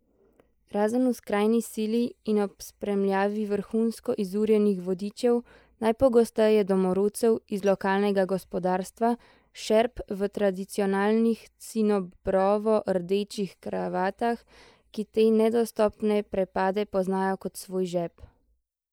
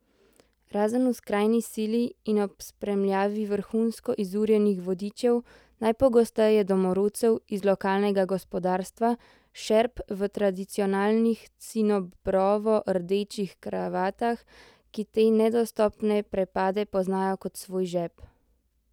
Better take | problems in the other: second | noise reduction (neural mask model Resemble Enhance denoiser)

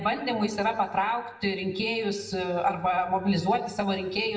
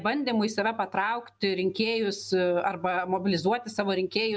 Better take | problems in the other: second | room echo; dies away in 0.9 s

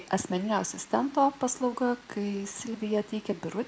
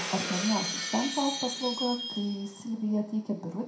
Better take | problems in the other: first | background sound (Shatter); 5 dB below the speech // room echo; dies away in 0.5 s

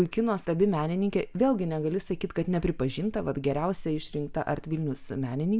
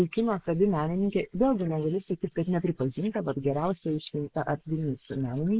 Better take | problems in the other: first | noise reduction (neural mask model Resemble Enhance denoiser)

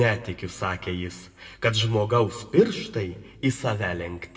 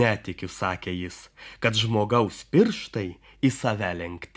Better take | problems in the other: second | room echo; dies away in 1.1 s

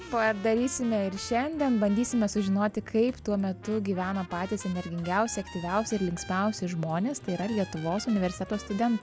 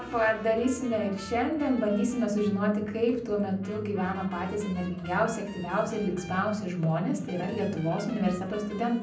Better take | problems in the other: first | room echo; dies away in 0.6 s

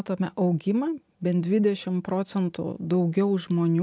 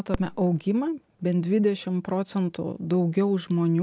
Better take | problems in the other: first | background sound (Fireworks); 16 dB below the speech

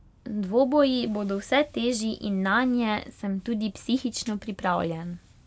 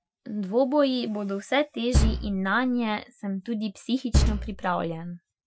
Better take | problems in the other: first | noise reduction (classical method Wiener filter)

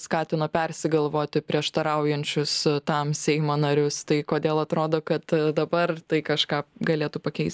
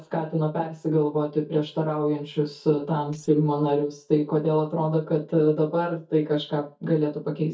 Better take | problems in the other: first | noise reduction (neural mask model DeepFilterNet 3)

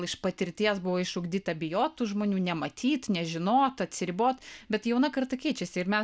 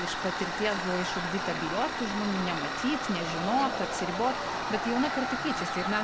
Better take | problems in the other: first | background sound (Tools); 1 dB below the speech

